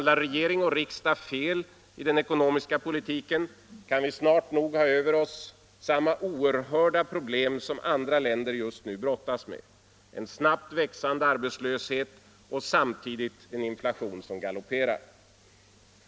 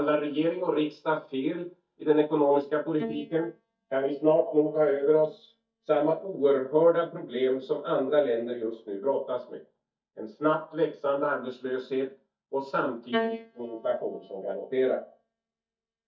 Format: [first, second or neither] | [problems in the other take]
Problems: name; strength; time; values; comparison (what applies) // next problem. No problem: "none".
first | noise reduction (neural mask model DeepFilterNet 3)